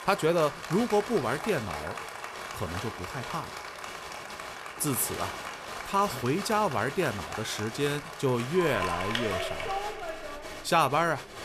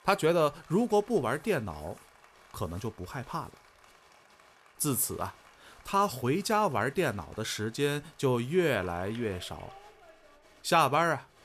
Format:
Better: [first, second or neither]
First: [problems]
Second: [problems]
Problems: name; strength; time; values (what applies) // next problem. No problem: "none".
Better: second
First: crowd noise; loud; throughout; 7 dB below the speech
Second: crowd noise; faint; throughout; 25 dB below the speech